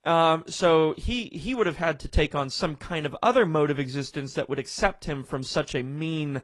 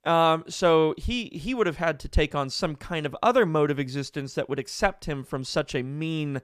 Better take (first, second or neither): second